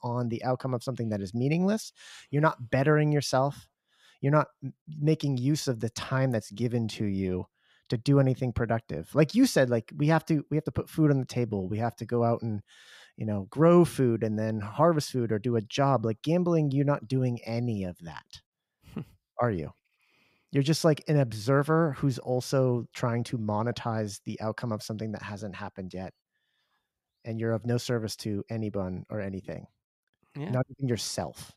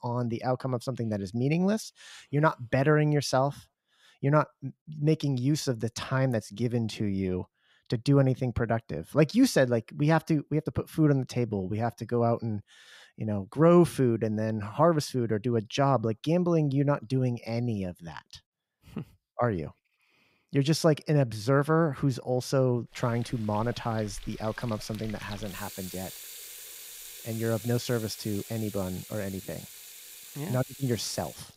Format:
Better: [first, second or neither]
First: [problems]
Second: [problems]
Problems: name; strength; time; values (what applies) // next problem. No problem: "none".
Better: first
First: none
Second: household noises; noticeable; from 23 s on; 15 dB below the speech